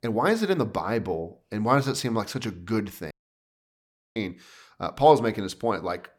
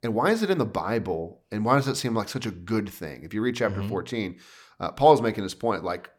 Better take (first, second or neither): second